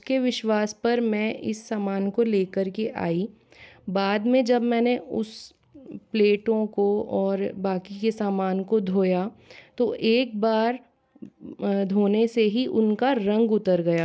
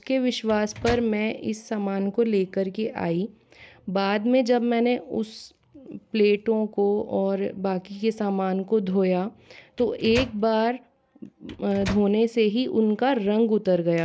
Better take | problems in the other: first | background sound (Microwave oven); 14 dB below the speech

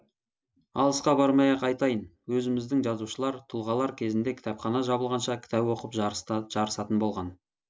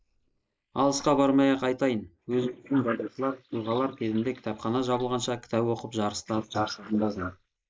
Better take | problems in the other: first | noise reduction (neural mask model Resemble Enhance denoiser)

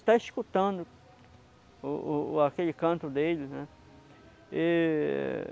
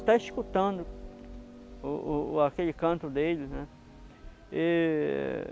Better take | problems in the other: first | background sound (Harp); 16 dB below the speech

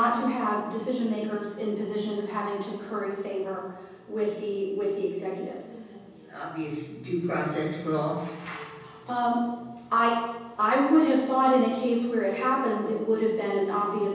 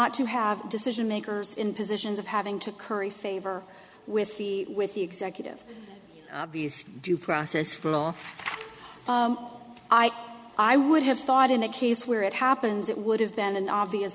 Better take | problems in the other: second | room echo; dies away in 1.1 s

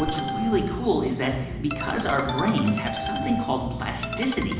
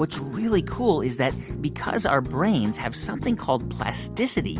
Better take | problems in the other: second | background sound (Ringtone); 8 dB below the speech // room echo; dies away in 1 s

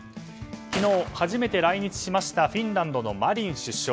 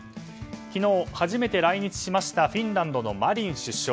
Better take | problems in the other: second | background sound (Gunshot, gunfire); 15 dB below the speech

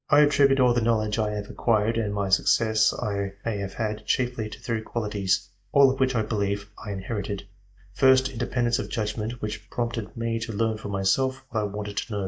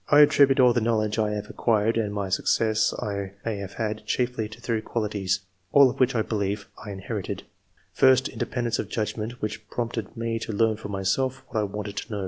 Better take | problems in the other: second | noise reduction (neural mask model DeepFilterNet 3)

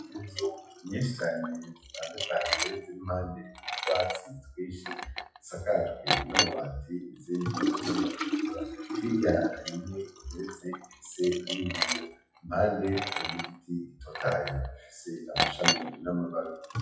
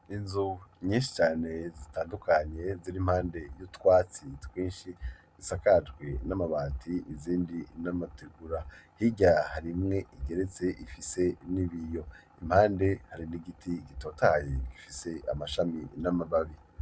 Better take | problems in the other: second | noise reduction (classical method WPE with log-MMSE)

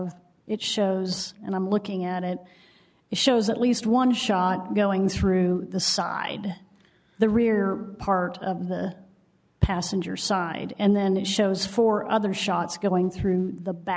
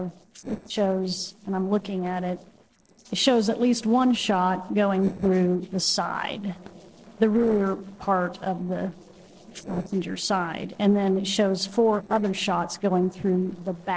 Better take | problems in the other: first | noise reduction (neural separator model SepFormer DNS4)

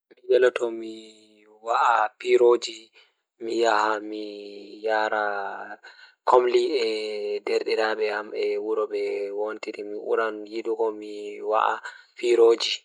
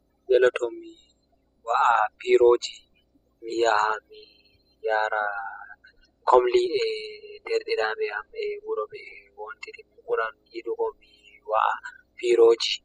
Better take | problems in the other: first | noise reduction (classical method spectral subtraction)

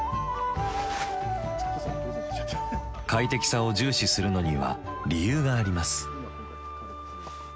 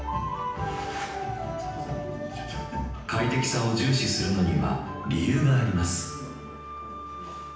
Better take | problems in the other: first | room echo; dies away in 0.9 s

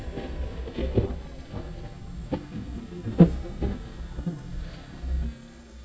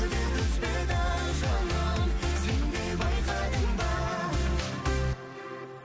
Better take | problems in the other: second | noise reduction (neural mask model DeepFilterNet 3)

